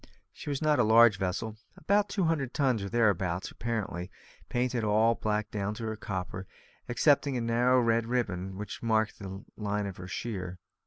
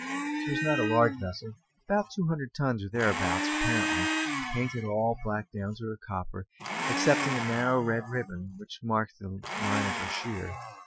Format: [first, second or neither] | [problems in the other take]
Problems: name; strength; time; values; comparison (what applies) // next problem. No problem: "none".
first | noise reduction (classical method Wiener filter)